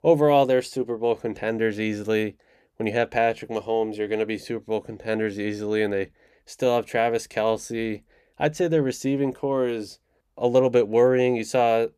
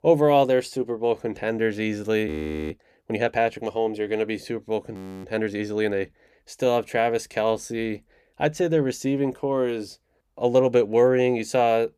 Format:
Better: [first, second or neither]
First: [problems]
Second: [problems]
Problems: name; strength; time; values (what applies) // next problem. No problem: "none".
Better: first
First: none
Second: audio freezing; at 2.5 s and at 5 s